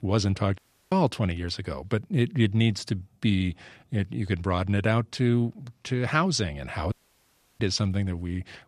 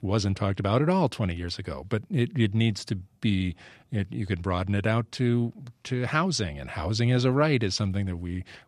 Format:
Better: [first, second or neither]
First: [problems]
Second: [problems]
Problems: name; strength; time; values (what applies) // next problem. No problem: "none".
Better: second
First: audio cutting out; at 0.5 s and at 7 s for 0.5 s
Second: none